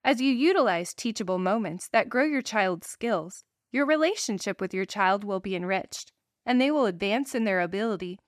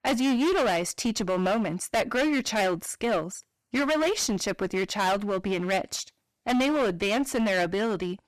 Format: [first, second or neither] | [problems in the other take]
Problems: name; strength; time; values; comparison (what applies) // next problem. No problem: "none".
first | distortion; heavy; 20% of the sound clipped